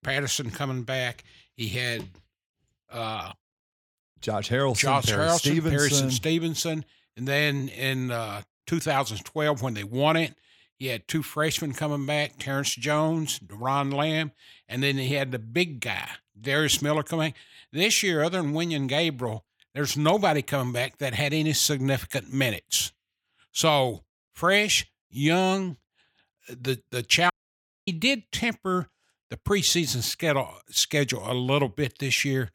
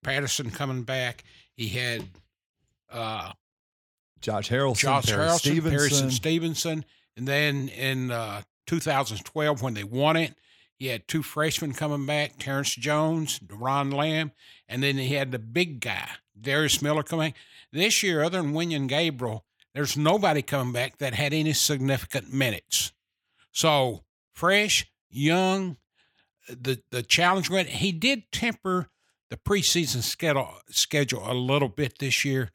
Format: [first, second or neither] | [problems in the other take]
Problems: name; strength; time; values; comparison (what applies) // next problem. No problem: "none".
second | audio cutting out; at 27 s for 0.5 s